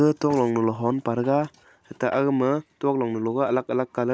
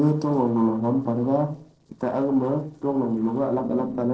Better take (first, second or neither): first